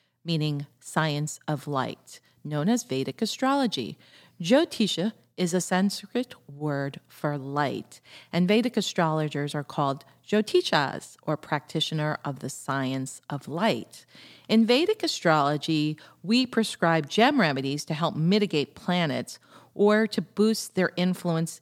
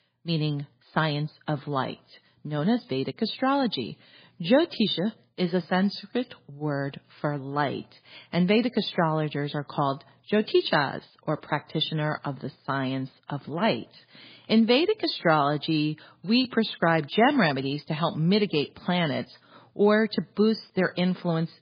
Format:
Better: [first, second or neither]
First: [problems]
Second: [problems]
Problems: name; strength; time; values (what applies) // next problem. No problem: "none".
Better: first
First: none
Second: garbled, watery; badly; nothing above 4.5 kHz